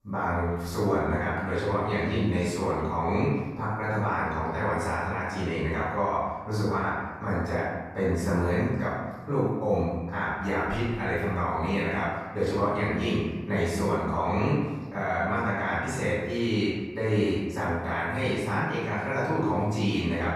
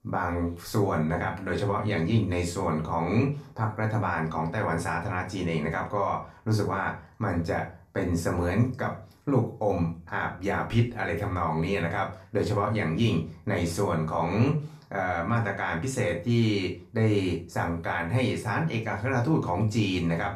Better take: second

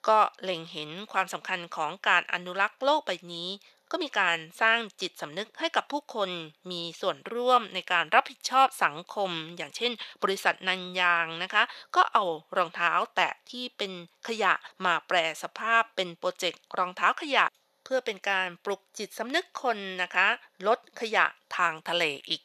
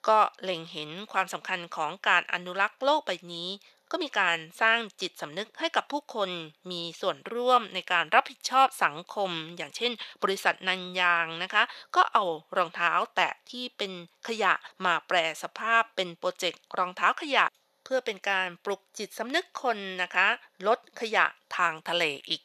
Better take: neither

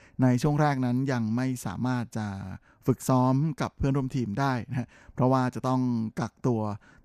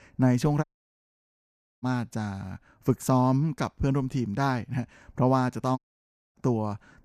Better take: first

